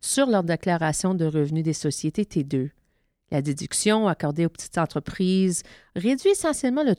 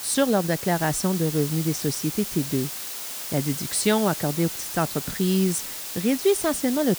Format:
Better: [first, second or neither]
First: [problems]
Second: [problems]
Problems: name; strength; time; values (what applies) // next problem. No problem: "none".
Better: first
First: none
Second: hiss; loud; throughout; 6 dB below the speech